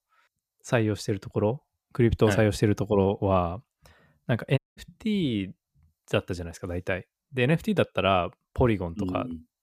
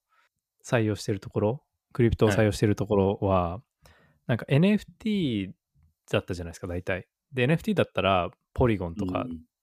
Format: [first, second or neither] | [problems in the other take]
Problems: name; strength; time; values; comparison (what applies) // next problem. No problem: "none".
second | audio cutting out; at 4.5 s